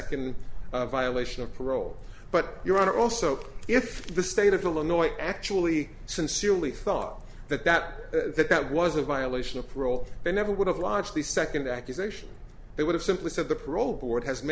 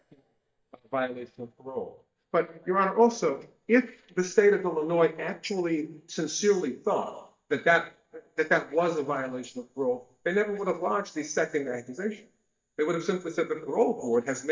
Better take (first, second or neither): first